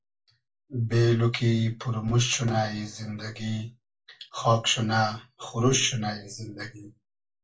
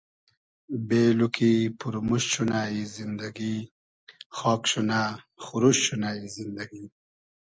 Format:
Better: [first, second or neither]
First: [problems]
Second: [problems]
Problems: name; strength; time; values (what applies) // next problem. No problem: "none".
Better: second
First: room echo; dies away in 0.2 s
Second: none